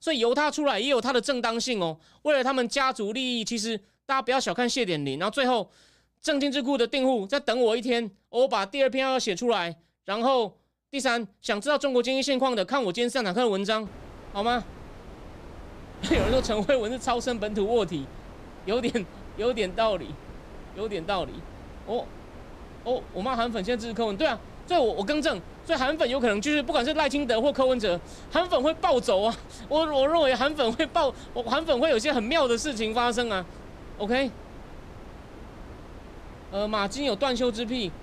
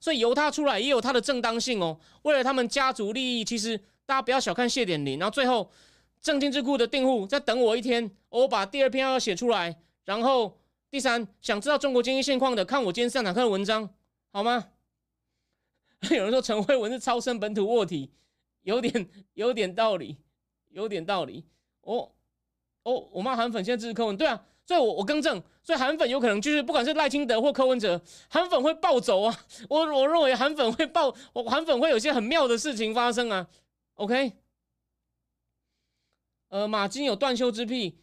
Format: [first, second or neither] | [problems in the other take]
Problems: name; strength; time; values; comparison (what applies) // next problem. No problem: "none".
second | wind noise on the microphone; occasional gusts; from 14 s on; 20 dB below the speech